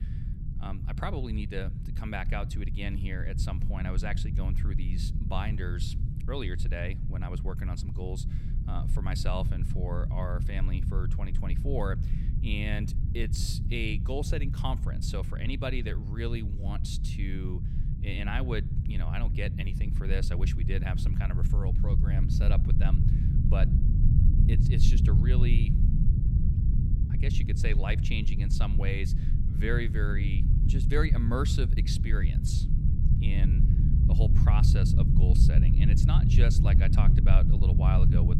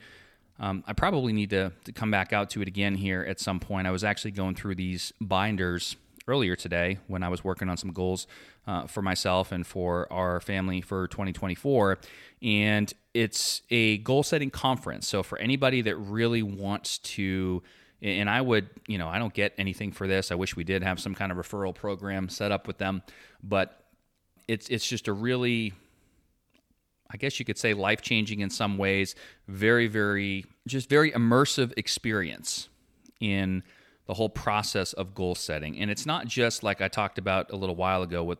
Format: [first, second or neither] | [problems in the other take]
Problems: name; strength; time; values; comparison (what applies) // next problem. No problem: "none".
second | low rumble; loud; throughout; 4 dB below the speech